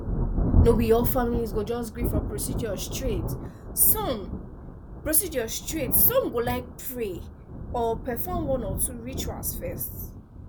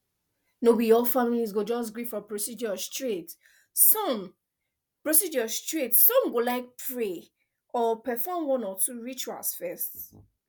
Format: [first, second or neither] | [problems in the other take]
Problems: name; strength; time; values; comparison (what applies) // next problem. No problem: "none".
second | background sound (Thunder); 2 dB below the speech